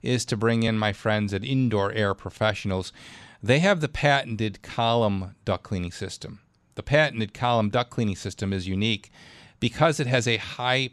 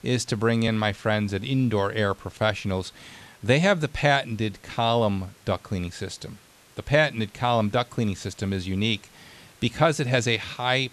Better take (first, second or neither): first